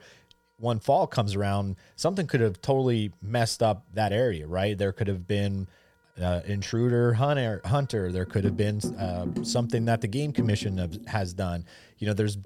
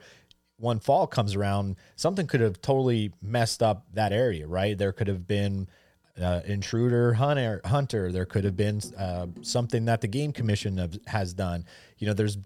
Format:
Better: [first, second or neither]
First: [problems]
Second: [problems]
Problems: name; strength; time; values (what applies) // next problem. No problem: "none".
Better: second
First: background music; loud; throughout; 8 dB below the speech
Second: background music; faint; throughout; 20 dB below the speech